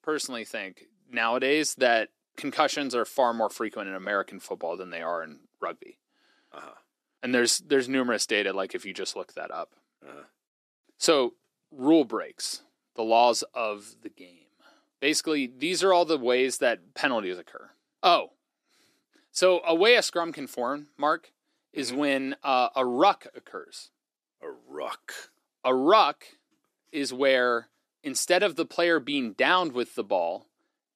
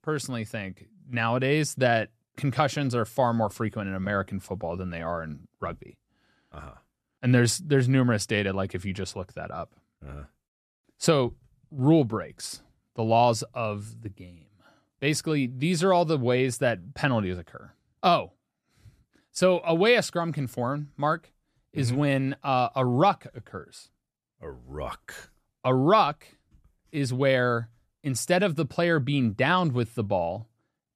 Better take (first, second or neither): second